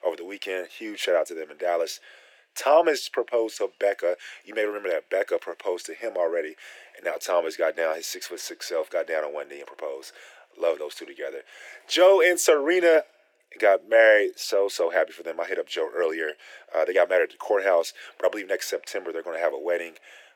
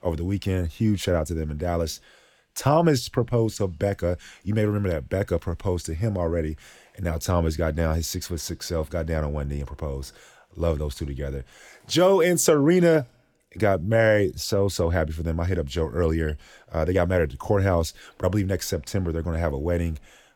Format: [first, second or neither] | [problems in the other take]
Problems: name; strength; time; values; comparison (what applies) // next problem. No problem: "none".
second | thin; very; fading below 350 Hz